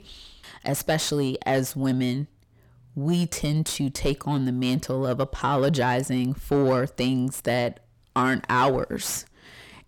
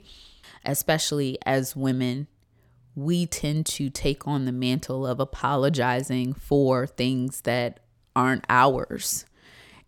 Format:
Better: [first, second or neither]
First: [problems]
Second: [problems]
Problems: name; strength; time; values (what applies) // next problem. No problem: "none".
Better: second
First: distortion; slight; 10 dB below the speech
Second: none